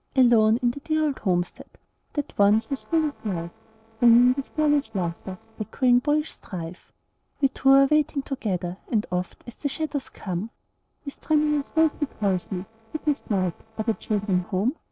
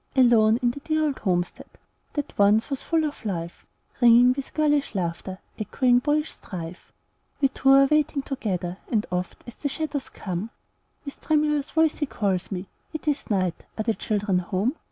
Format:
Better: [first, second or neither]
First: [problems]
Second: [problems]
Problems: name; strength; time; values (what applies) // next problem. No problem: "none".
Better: second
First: noise reduction (neural separator model SepFormer DNS4)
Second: none